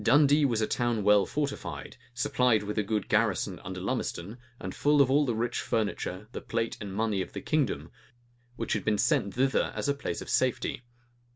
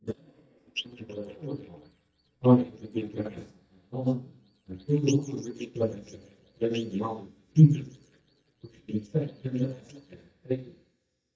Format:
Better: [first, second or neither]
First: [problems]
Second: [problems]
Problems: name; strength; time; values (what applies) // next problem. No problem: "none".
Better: first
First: none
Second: noise reduction (neural mask model DeepFilterNet 3)